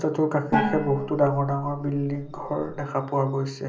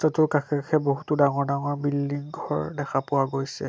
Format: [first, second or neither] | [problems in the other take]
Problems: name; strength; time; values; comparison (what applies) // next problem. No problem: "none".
second | background sound (Gong); 6 dB below the speech // room echo; dies away in 0.5 s